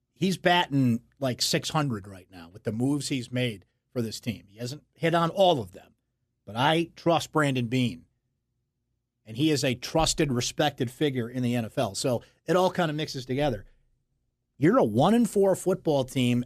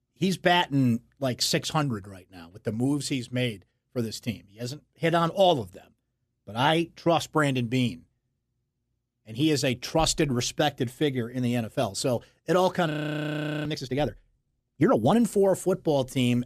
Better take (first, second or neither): first